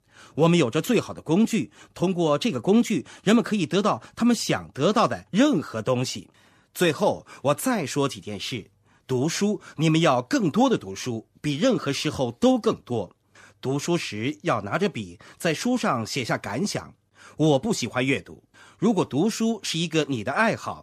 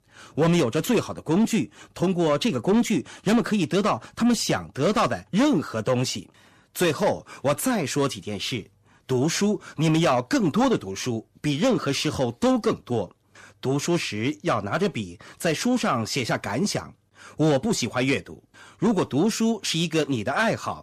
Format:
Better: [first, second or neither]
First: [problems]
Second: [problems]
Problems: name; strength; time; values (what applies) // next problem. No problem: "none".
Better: first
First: none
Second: distortion; slight; 10 dB below the speech